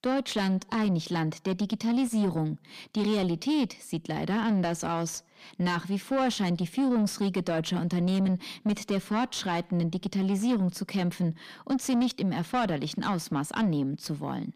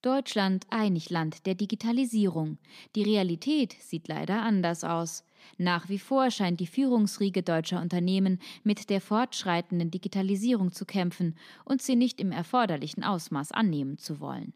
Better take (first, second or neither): second